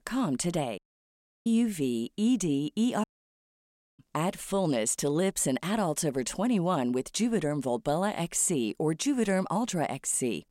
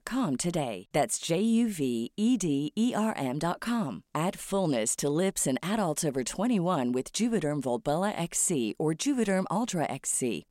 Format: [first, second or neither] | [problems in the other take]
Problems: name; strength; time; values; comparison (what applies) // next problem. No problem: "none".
second | audio cutting out; at 1 s for 0.5 s and at 3 s for 1 s